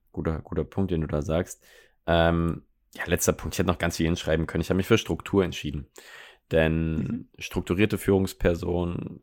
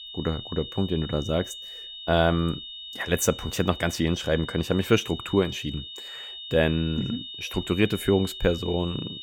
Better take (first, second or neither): first